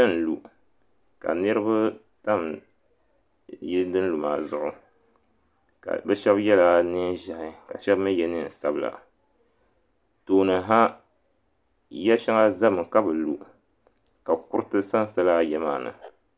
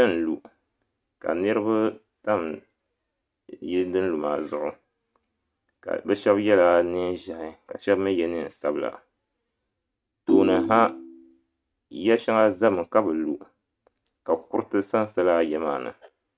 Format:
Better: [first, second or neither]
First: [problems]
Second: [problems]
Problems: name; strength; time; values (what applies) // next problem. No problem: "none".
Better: first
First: none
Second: noise reduction (neural mask model RNNoise)